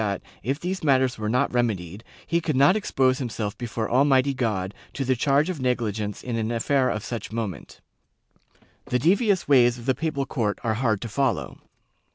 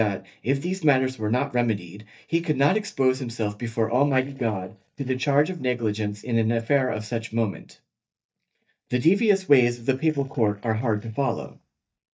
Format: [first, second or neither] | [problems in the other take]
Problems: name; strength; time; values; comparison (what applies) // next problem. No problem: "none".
first | noise reduction (neural mask model DeepFilterNet 3)